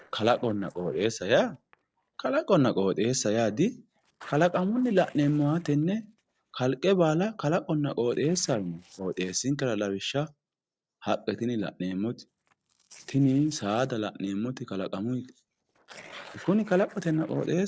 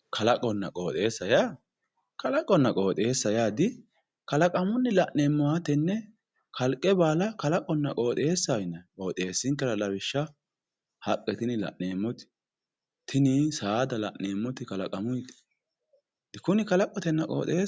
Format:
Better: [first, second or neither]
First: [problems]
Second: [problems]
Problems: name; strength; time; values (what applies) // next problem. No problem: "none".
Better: second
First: noise reduction (neural separator model SepFormer DNS4)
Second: none